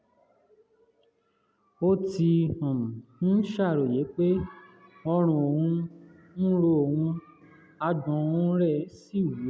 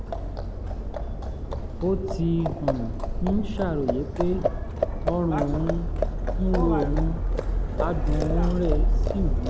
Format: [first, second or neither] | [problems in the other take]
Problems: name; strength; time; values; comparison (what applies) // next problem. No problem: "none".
first | background sound (Livestock, farm animals, working animals); 3 dB above the speech